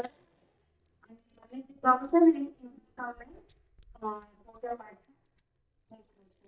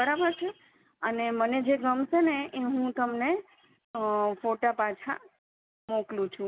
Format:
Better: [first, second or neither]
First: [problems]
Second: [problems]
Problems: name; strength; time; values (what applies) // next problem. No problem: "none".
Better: second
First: noise reduction (neural mask model DeepFilterNet 3)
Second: none